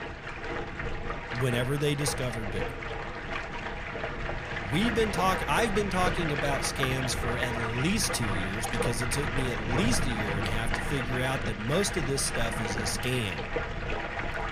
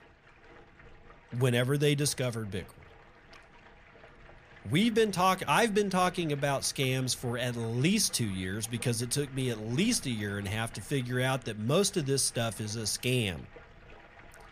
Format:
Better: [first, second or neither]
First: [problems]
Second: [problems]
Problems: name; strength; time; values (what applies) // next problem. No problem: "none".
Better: second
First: rain or running water; loud; throughout; 2 dB below the speech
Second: rain or running water; faint; throughout; 25 dB below the speech